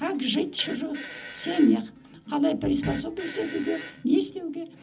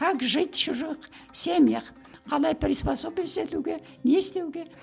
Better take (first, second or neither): second